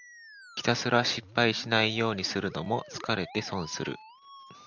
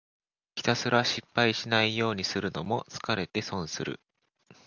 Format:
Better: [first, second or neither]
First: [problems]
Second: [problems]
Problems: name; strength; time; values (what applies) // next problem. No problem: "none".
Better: second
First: background sound (Musical instrument); 19 dB below the speech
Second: none